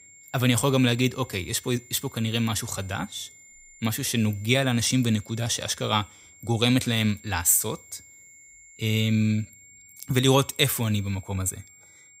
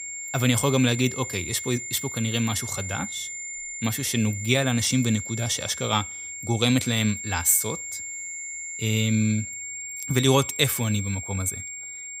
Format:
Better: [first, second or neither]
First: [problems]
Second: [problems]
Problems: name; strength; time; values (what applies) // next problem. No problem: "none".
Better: first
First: high-pitched whine; faint; throughout; 7 kHz, 25 dB below the speech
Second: high-pitched whine; loud; throughout; 7 kHz, 8 dB below the speech